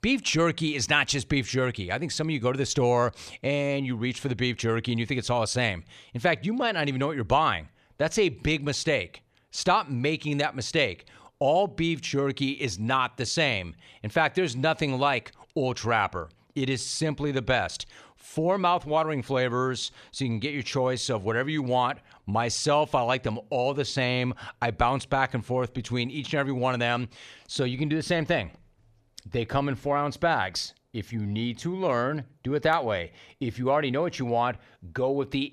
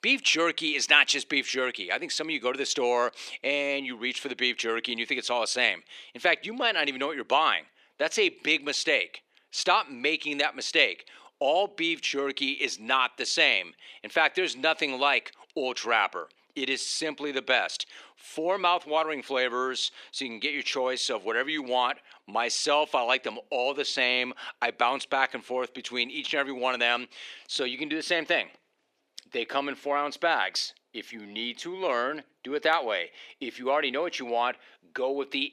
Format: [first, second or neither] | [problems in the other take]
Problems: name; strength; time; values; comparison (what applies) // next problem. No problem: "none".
first | thin; somewhat; fading below 300 Hz